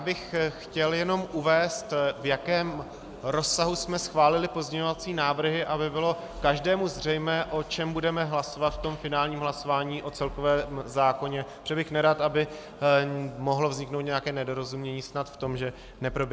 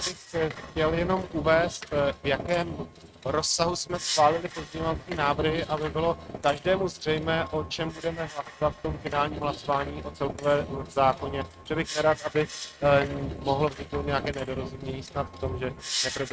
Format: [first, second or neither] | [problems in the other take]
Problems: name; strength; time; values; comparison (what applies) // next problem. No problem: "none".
first | noise reduction (neural mask model RNNoise)